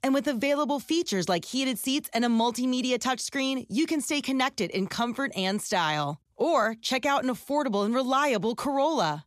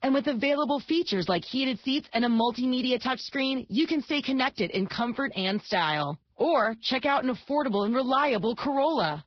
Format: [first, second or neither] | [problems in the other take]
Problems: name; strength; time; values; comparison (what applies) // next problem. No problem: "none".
first | garbled, watery; badly; nothing above 5.5 kHz